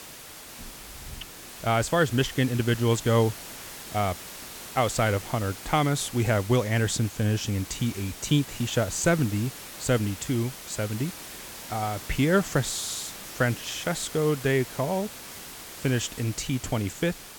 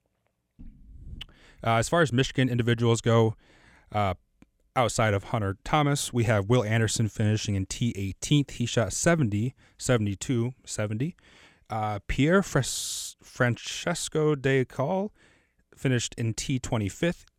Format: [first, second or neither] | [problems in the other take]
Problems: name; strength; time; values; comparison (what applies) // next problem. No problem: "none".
second | hiss; noticeable; throughout; 10 dB below the speech